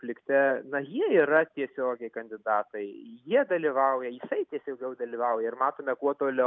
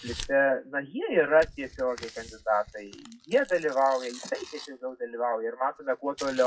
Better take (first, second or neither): first